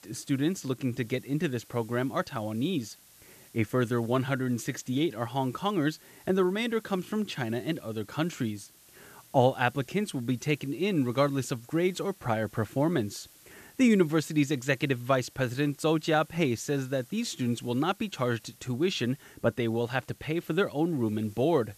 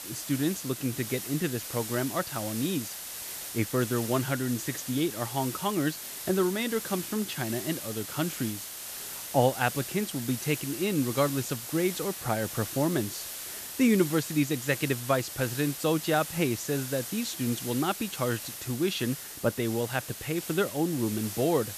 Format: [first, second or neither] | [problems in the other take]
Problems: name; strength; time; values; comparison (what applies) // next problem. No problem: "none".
first | hiss; loud; throughout; 7 dB below the speech; faint in the first